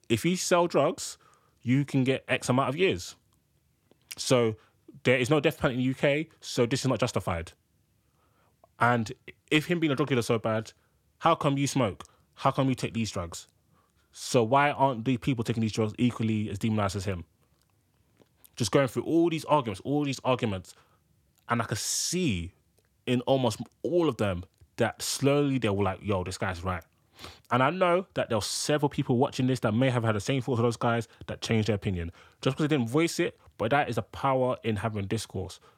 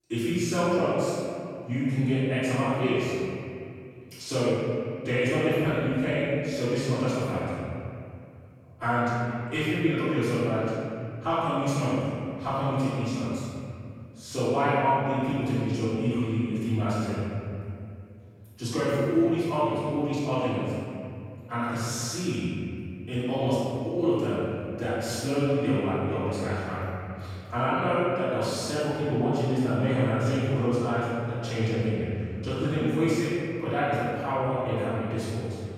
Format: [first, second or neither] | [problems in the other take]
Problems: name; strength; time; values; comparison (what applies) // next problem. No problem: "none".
first | off-mic speech; far // room echo; strong; dies away in 2.5 s